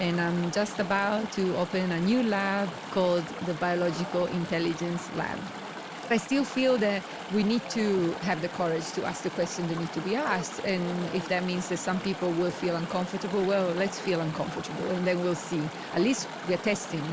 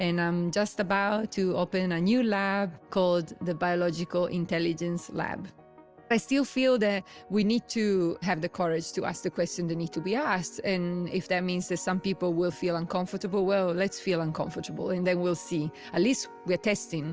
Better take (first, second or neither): second